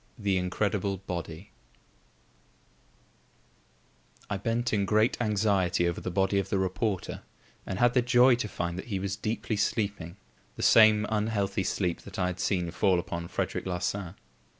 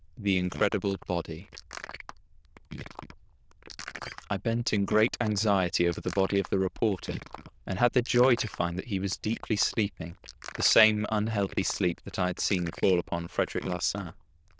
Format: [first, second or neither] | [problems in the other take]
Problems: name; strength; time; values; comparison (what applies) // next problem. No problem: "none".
first | noise reduction (neural diffusion model UNIVERSE++)